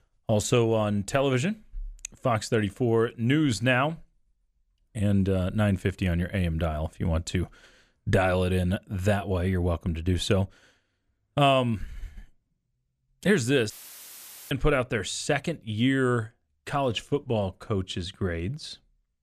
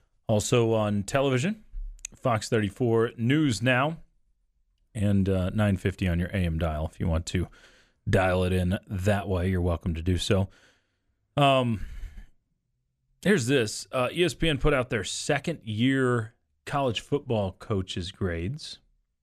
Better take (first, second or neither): second